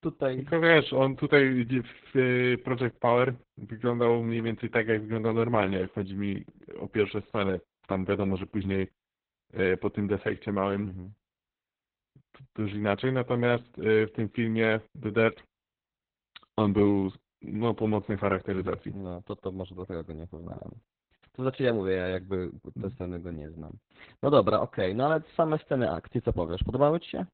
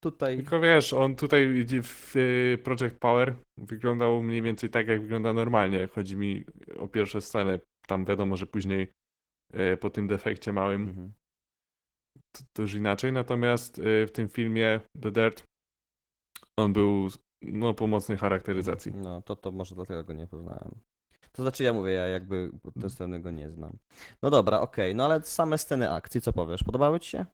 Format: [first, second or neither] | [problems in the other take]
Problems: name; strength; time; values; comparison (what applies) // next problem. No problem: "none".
second | garbled, watery; badly; nothing above 4 kHz; slightly in the second